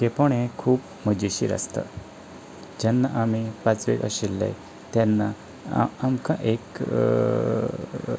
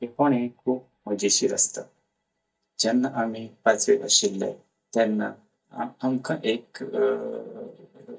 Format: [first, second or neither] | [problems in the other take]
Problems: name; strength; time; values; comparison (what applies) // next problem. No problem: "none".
first | noise reduction (neural mask model DeepFilterNet 3)